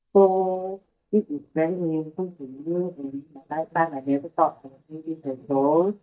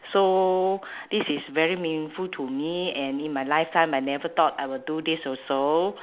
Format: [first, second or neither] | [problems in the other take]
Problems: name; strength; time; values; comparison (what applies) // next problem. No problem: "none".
second | noise reduction (neural mask model DeepFilterNet 3)